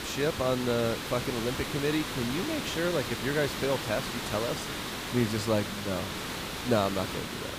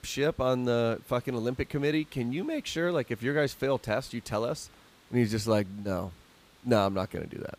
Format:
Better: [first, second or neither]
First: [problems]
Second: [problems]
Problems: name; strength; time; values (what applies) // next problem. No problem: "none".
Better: second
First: hiss; loud; throughout; 3 dB below the speech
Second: hiss; faint; throughout; 25 dB below the speech